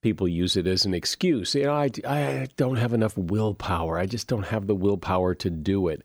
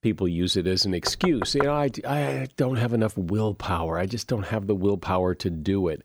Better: first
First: none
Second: door banging; noticeable; at 1 s; peak 5 dB below the speech

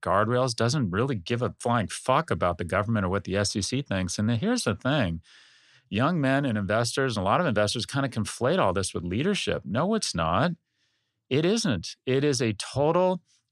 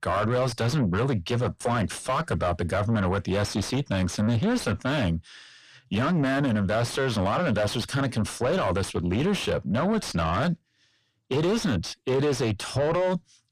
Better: first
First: none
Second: distortion; heavy; 6 dB below the speech

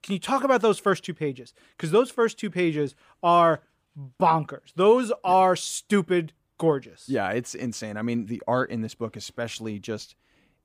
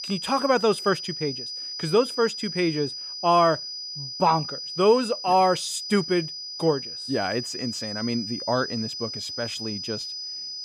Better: first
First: none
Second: high-pitched whine; loud; throughout; 5 kHz, 7 dB below the speech

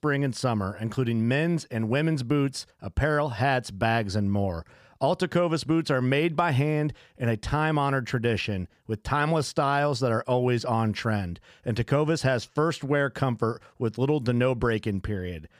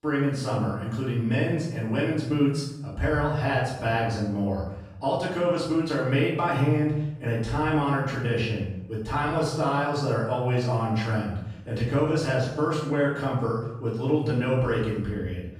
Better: first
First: none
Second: room echo; noticeable; dies away in 0.7 s // off-mic speech; far

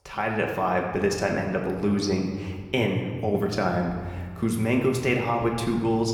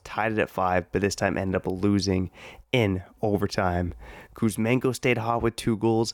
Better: second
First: room echo; slight; dies away in 1.5 s // off-mic speech; somewhat distant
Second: none

